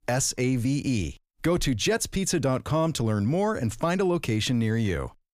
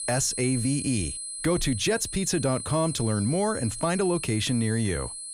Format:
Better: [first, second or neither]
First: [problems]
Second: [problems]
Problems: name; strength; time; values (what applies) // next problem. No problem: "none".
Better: first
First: none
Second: high-pitched whine; loud; throughout; 10 kHz, 7 dB below the speech